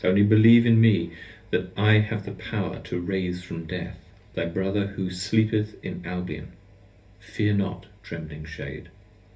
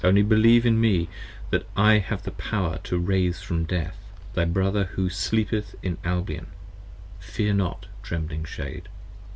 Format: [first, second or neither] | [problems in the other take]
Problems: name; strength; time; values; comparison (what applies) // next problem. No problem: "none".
second | room echo; dies away in 0.3 s